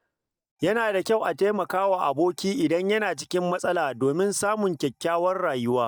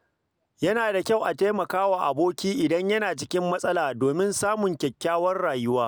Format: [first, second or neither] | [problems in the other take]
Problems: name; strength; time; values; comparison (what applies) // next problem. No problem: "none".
second | noise reduction (neural mask model DeepFilterNet 3)